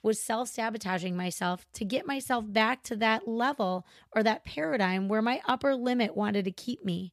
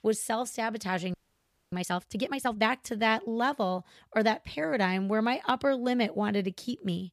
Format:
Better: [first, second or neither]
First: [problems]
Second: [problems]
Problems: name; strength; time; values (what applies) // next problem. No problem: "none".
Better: first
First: none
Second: audio freezing; at 1 s for 0.5 s